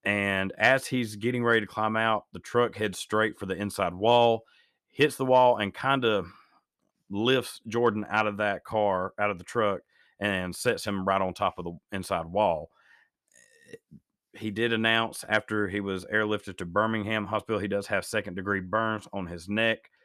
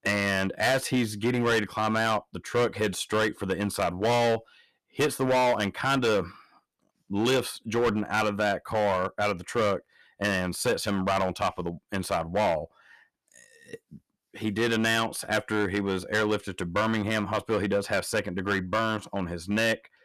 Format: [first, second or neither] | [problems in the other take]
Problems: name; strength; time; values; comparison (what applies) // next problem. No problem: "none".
first | distortion; heavy; 9% of the sound clipped